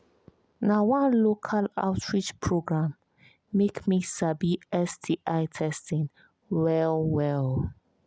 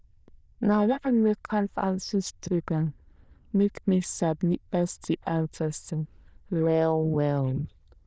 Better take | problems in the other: first | noise reduction (neural diffusion model UNIVERSE++)

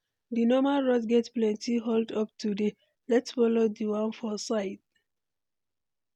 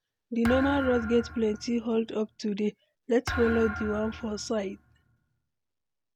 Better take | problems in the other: first | background sound (Thump, thud); 10 dB below the speech

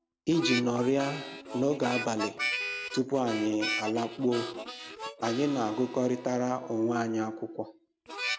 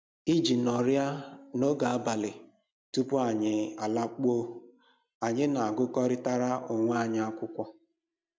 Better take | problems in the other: second | background sound (Harmonica); 8 dB below the speech

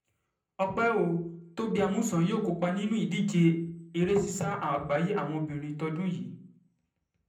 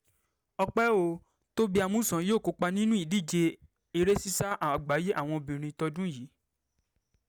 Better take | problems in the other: second | room echo; dies away in 0.6 s

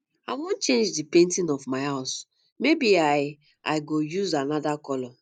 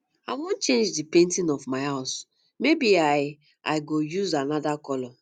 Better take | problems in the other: second | noise reduction (neural mask model Resemble Enhance denoiser)

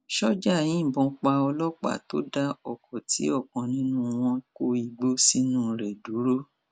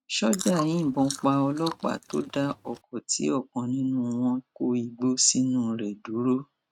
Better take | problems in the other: first | noise reduction (neural mask model RNNoise)

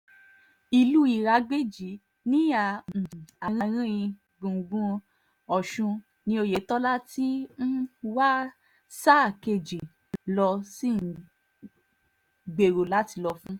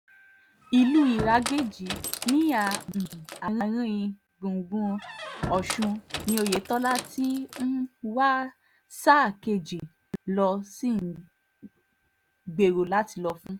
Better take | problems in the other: first | background sound (Squeak); 9 dB below the speech

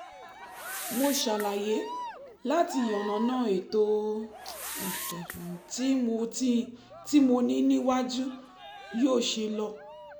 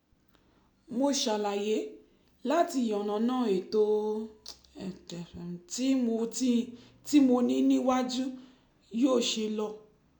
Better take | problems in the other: second | background sound (Whoosh, swoosh, swish + Cheering); 13 dB below the speech

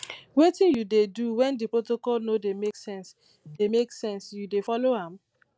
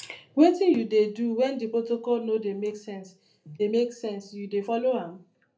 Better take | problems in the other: first | room echo; dies away in 0.3 s

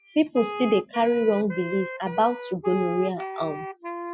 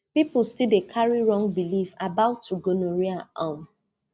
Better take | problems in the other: second | noise reduction (classical method Wiener filter)

